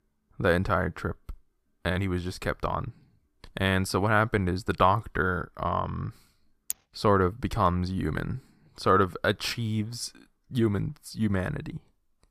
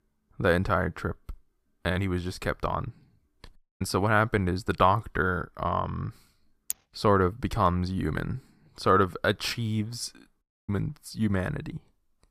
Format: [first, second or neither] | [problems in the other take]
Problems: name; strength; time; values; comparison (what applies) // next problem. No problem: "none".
first | audio cutting out; at 3.5 s and at 10 s